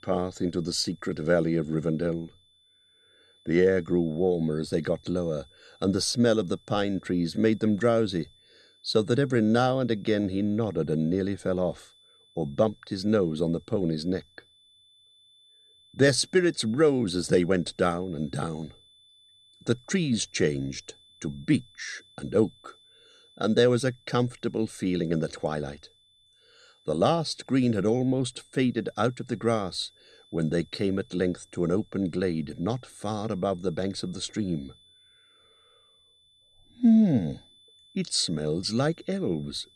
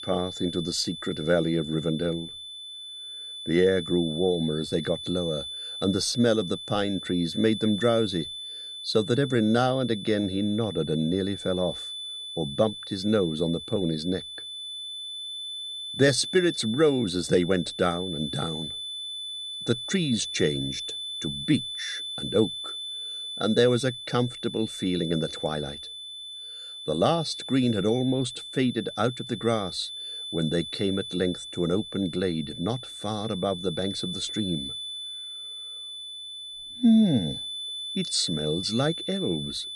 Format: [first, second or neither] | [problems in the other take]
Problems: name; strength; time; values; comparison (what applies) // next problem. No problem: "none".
first | high-pitched whine; loud; throughout; 3.5 kHz, 8 dB below the speech; faint in the first